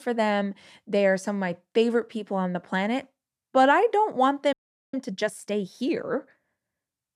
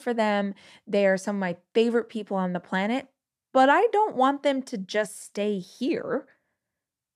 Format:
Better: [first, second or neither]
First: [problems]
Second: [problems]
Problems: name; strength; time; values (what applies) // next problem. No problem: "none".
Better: second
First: audio freezing; at 4.5 s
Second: none